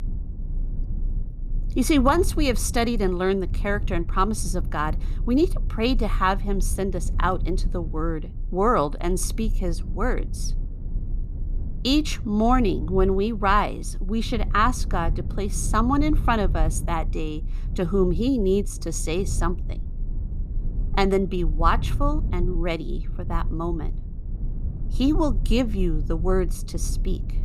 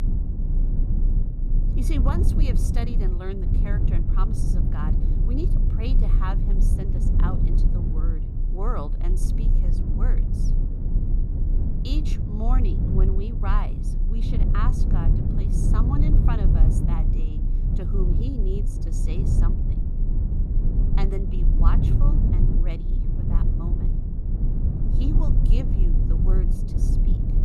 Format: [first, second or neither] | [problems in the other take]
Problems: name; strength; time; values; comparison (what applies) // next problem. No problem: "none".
first | low rumble; loud; throughout; 1 dB below the speech; faint in the first